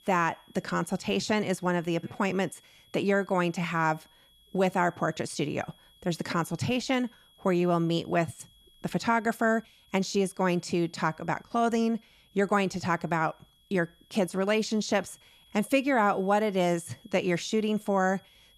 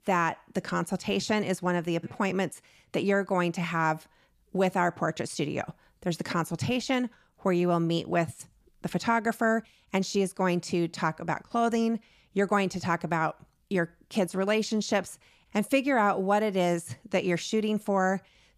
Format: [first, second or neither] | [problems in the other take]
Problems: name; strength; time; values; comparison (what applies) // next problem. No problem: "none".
second | high-pitched whine; faint; throughout; 3.5 kHz, 30 dB below the speech